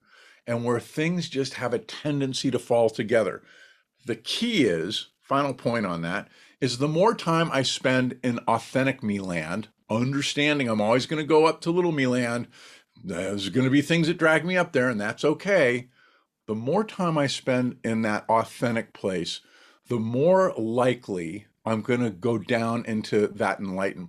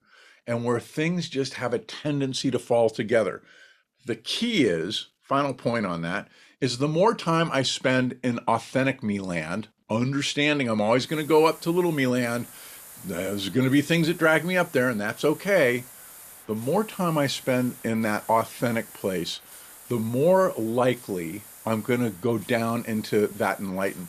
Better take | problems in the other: first | hiss; noticeable; from 11 s on; 20 dB below the speech

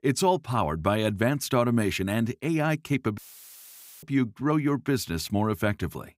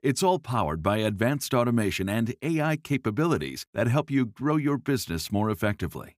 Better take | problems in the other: second | audio cutting out; filled with static; at 3 s for 1 s

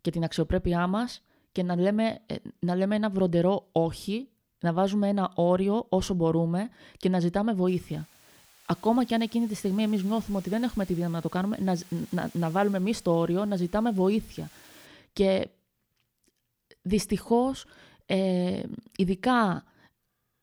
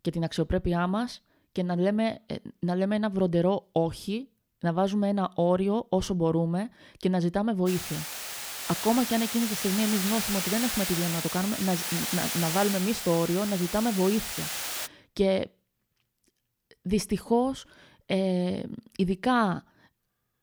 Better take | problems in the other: first | hiss; loud; from 7.5 to 15 s; 3 dB below the speech; faint in the first

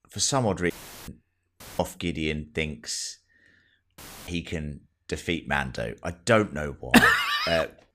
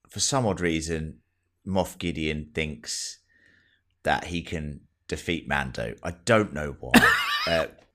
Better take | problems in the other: second | audio cutting out; filled with static; at 0.5 s, at 1.5 s and at 4 s

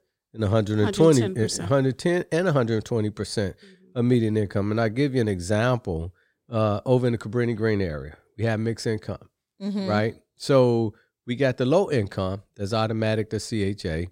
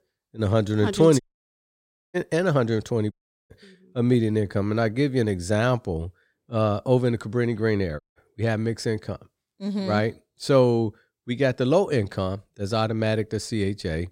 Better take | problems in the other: first | audio cutting out; at 1 s for 1 s, at 3 s and at 8 s

